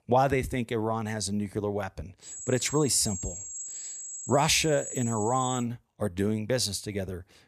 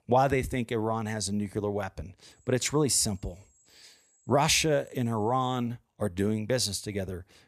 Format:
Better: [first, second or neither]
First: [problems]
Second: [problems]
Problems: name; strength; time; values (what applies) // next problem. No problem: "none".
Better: second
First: high-pitched whine; loud; from 2.5 to 5.5 s; 7.5 kHz, 8 dB below the speech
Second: high-pitched whine; faint; from 2.5 to 5.5 s; 7.5 kHz, 35 dB below the speech